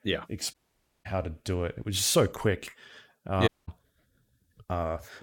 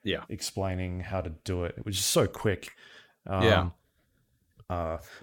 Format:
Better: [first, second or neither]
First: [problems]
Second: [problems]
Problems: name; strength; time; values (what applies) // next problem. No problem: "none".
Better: second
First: audio cutting out; at 0.5 s for 0.5 s and at 3.5 s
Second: none